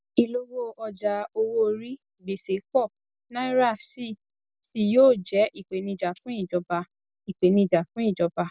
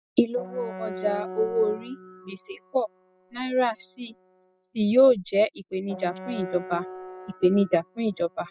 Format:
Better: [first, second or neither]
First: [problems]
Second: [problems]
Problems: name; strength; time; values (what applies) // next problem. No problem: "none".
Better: first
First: none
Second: noise reduction (classical method spectral subtraction)